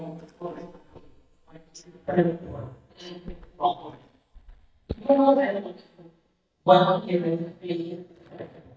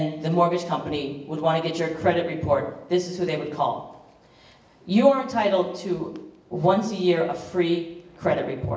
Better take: second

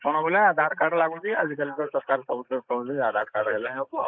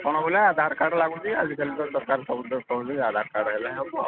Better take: second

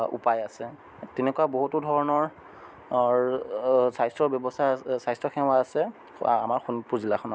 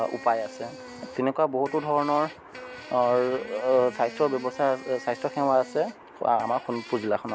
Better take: first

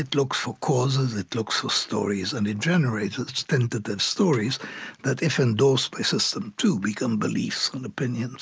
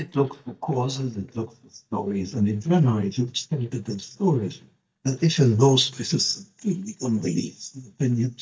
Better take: first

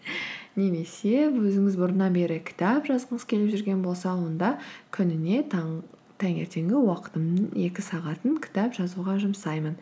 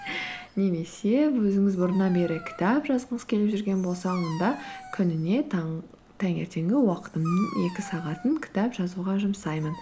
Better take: first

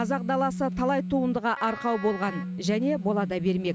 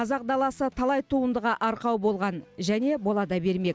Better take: second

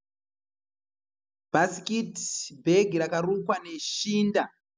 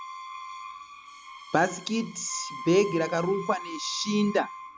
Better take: first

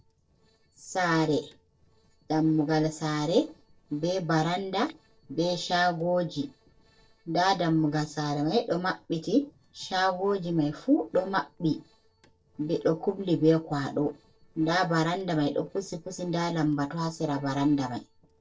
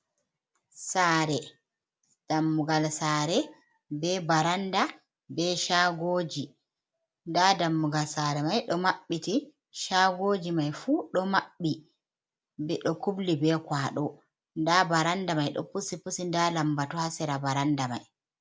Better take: second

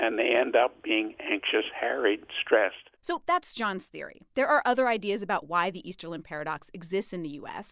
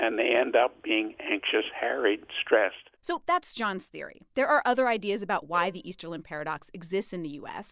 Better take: first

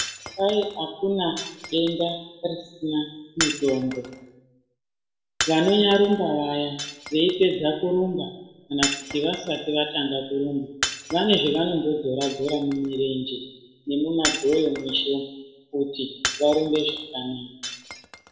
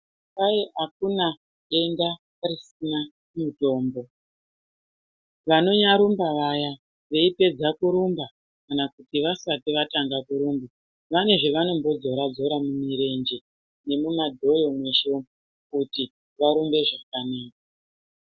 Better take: second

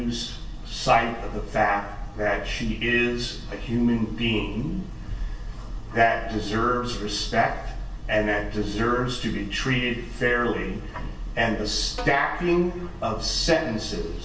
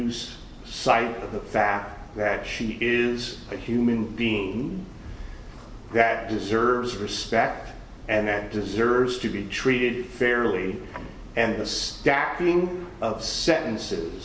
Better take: second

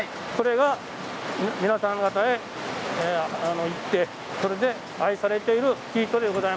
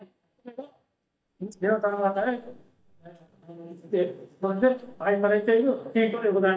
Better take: first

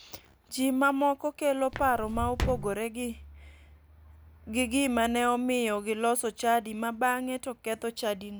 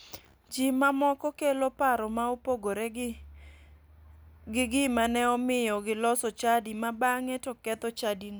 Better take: second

